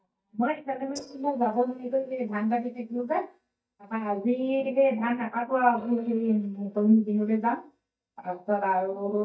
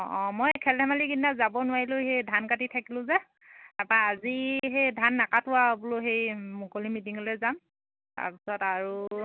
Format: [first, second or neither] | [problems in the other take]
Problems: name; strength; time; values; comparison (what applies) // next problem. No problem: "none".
second | noise reduction (neural mask model DeepFilterNet 3)